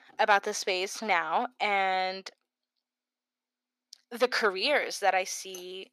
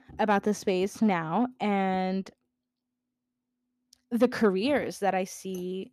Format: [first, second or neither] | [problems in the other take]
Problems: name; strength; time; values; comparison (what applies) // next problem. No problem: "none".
second | thin; very; fading below 650 Hz